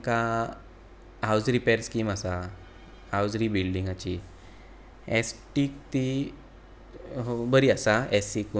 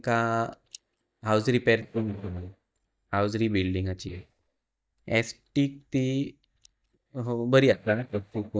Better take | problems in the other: first | noise reduction (neural mask model DeepFilterNet 3)

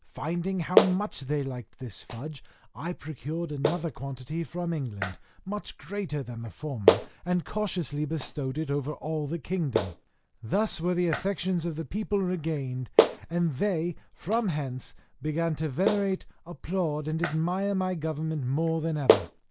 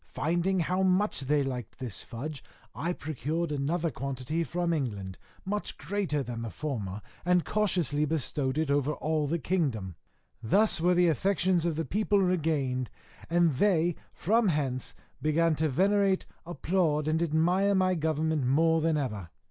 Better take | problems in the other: second | background sound (Clapping); 3 dB below the speech

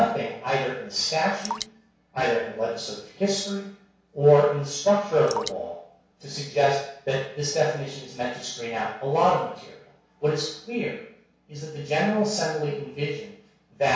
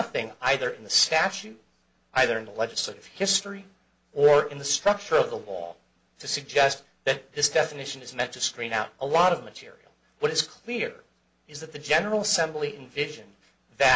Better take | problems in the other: second | background sound (Drip); 14 dB below the speech // room echo; dies away in 0.6 s

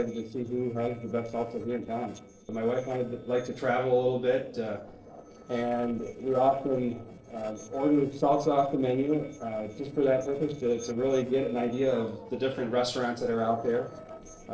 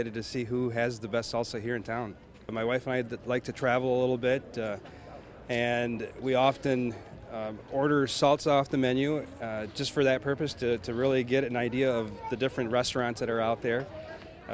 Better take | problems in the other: second | noise reduction (neural separator model SepFormer DNS4)

